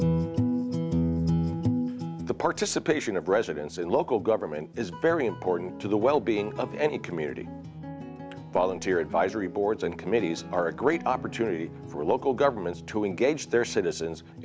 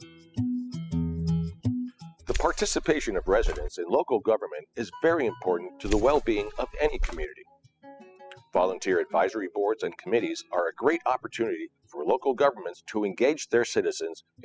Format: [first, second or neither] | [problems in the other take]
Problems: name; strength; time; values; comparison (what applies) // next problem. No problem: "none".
first | noise reduction (classical method spectral subtraction)